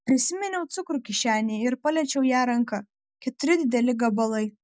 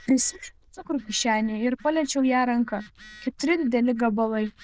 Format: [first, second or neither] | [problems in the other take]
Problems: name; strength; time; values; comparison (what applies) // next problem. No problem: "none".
first | noise reduction (neural diffusion model UNIVERSE++)